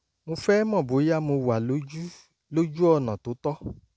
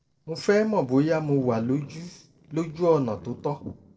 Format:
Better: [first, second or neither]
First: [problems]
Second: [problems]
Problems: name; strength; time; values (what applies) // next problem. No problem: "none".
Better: first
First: none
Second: noise reduction (neural separator model SepFormer DNS4)